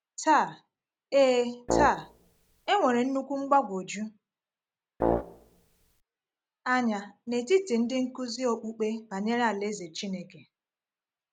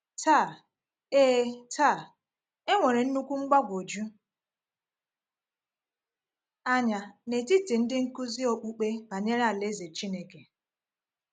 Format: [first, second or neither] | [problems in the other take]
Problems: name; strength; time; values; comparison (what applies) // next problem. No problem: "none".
second | background sound (Brass instrument); 2 dB below the speech